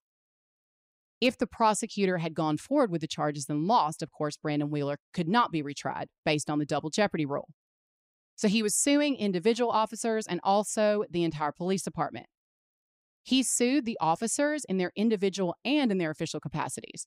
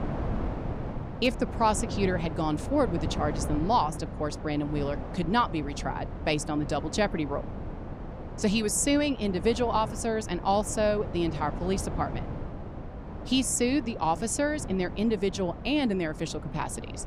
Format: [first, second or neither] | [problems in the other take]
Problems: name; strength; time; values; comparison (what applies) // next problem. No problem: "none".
first | wind noise on the microphone; occasional gusts; 10 dB below the speech